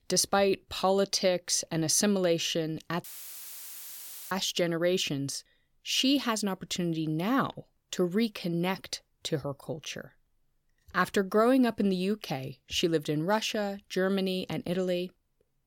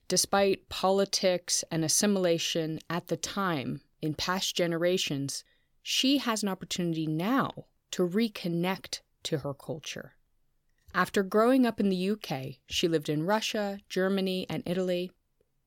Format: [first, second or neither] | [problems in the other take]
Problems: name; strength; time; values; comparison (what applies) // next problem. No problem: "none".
second | audio cutting out; filled with static; at 3 s for 1.5 s